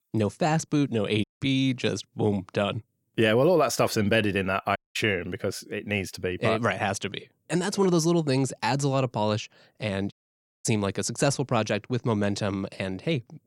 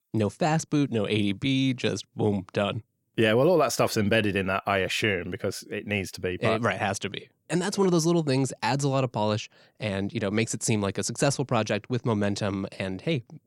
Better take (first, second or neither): second